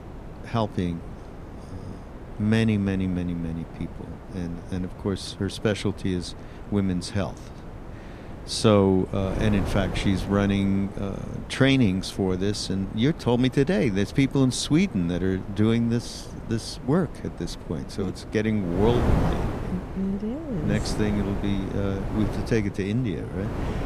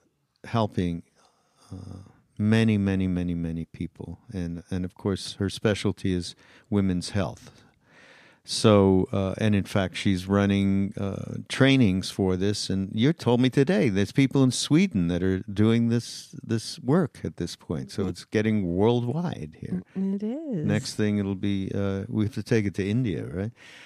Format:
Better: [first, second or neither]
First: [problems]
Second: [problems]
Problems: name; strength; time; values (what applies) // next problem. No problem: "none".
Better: second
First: wind noise on the microphone; occasional gusts; 10 dB below the speech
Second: none